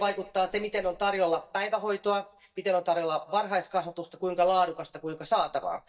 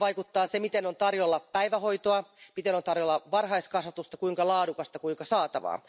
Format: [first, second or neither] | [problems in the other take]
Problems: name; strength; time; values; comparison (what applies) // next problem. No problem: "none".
second | noise reduction (neural mask model DeepFilterNet 3)